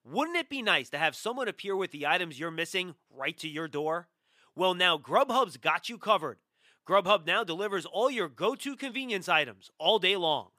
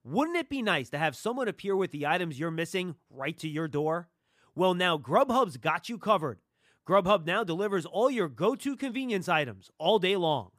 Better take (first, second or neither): second